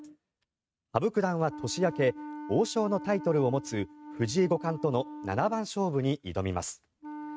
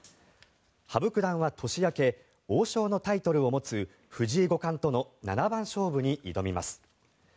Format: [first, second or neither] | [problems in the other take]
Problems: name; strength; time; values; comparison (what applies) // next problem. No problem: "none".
second | noise reduction (neural mask model RNNoise)